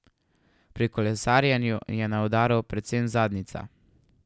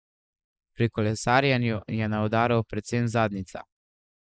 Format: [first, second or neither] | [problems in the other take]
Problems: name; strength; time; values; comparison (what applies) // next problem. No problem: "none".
first | noise reduction (neural mask model Resemble Enhance denoiser)